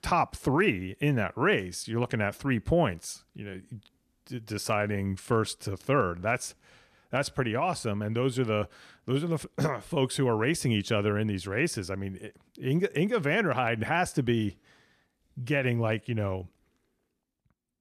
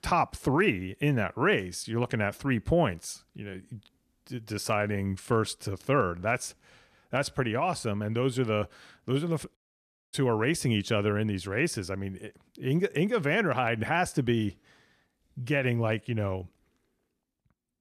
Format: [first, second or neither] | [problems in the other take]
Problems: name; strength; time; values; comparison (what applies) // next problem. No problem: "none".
first | audio cutting out; at 9.5 s for 0.5 s